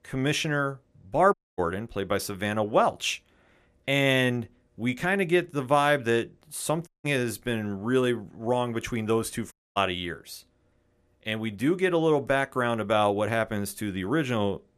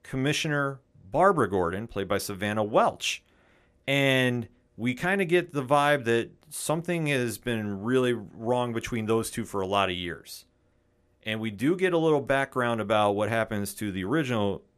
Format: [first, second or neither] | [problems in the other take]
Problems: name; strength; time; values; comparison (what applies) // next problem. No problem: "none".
second | audio cutting out; at 1.5 s, at 7 s and at 9.5 s